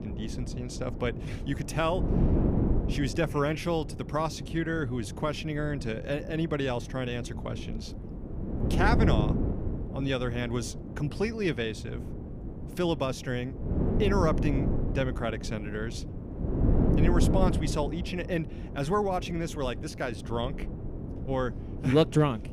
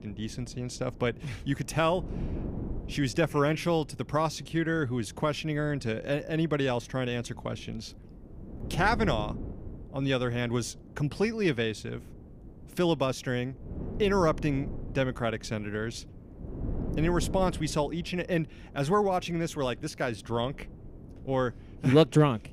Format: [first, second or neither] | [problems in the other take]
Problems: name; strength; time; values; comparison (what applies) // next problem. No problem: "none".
second | wind noise on the microphone; heavy; 8 dB below the speech; occasional gusts in the second